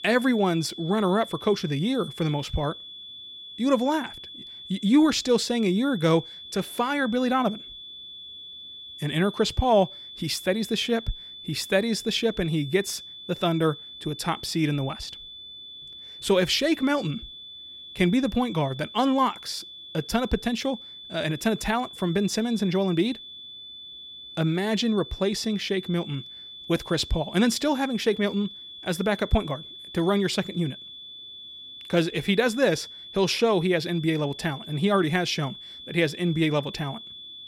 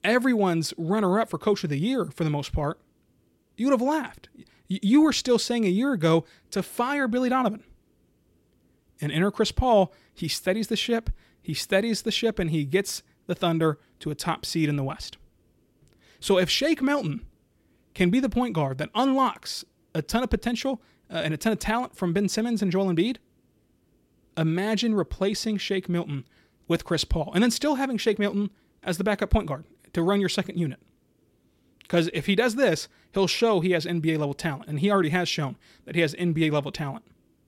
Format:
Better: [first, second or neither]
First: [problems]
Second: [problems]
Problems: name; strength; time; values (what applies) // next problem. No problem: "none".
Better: second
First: high-pitched whine; noticeable; throughout; 3.5 kHz, 15 dB below the speech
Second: none